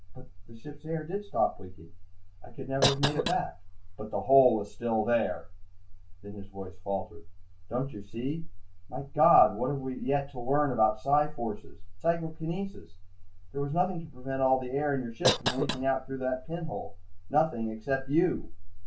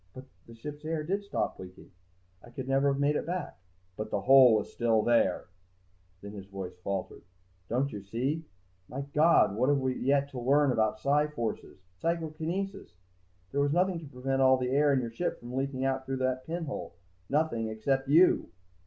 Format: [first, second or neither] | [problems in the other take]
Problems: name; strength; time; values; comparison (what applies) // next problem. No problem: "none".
second | background sound (Cough); 4 dB below the speech // room echo; dies away in 0.1 s